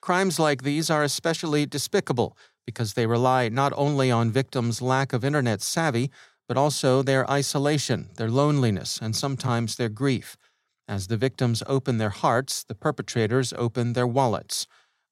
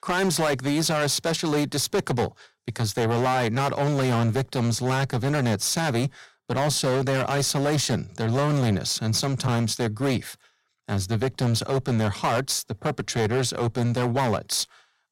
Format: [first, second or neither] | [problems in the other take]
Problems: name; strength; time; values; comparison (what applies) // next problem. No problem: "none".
first | distortion; heavy; 14% of the sound clipped